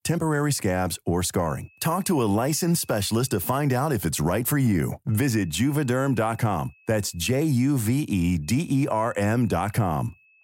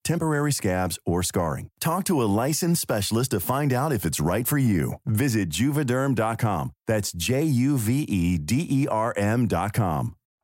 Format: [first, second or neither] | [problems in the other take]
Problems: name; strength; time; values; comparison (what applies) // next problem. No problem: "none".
second | high-pitched whine; faint; from 1.5 to 3.5 s, from 5 to 7.5 s and from 8.5 s on; 2.5 kHz, 30 dB below the speech